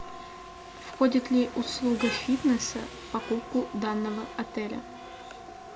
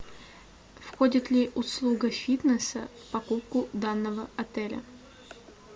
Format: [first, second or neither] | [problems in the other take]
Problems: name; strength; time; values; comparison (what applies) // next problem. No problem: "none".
second | background sound (Siren + Rain); 12 dB below the speech